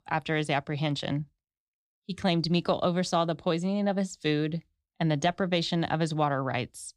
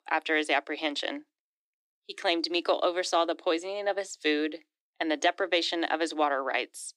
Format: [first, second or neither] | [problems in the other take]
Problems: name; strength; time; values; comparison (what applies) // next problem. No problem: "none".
first | thin; very; fading below 300 Hz